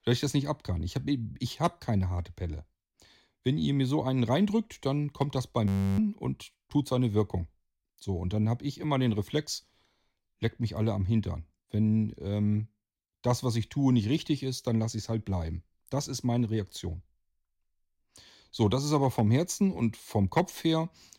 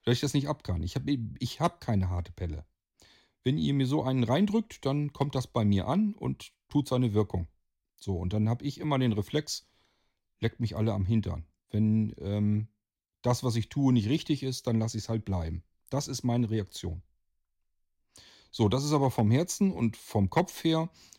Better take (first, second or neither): second